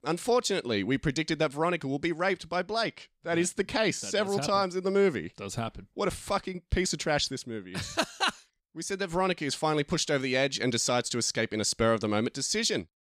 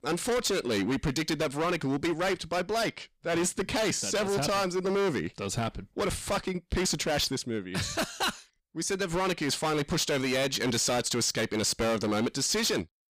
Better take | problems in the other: first | distortion; heavy; 22% of the sound clipped

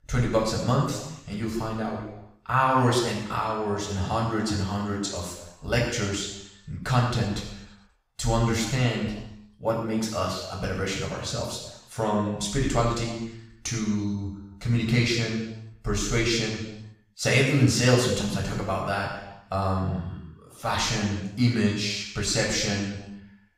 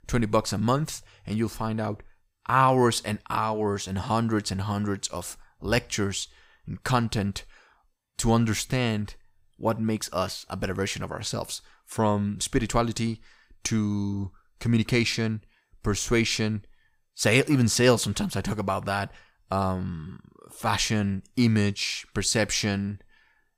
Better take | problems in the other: second | room echo; noticeable; dies away in 0.9 s // off-mic speech; far

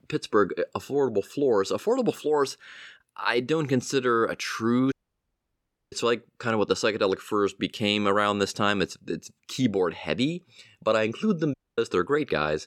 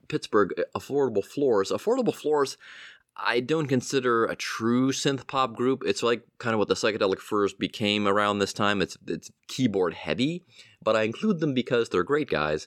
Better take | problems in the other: second | audio cutting out; at 5 s for 1 s and at 12 s

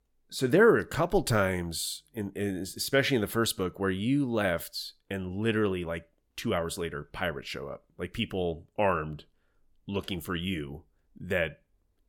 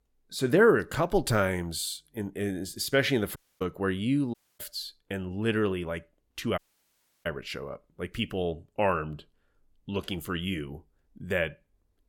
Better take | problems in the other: first | audio cutting out; at 3.5 s, at 4.5 s and at 6.5 s for 0.5 s

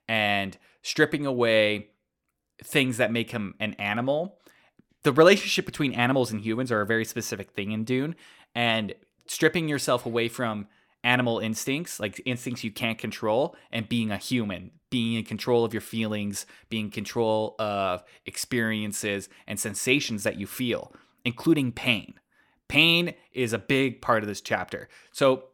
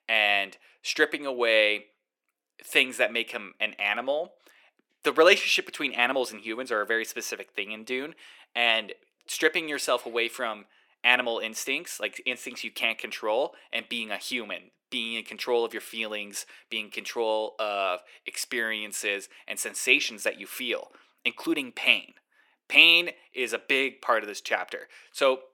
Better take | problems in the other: first | thin; somewhat; fading below 350 Hz

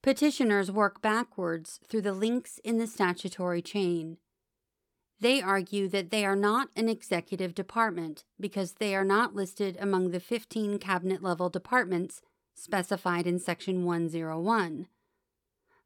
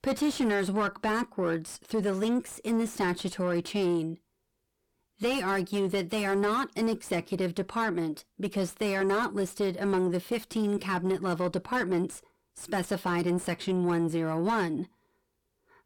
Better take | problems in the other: first | distortion; heavy; 7 dB below the speech

